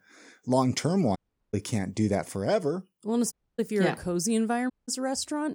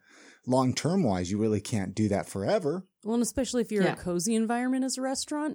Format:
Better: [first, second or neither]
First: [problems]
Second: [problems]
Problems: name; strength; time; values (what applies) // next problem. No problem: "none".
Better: second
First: audio cutting out; at 1 s, at 3.5 s and at 4.5 s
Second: none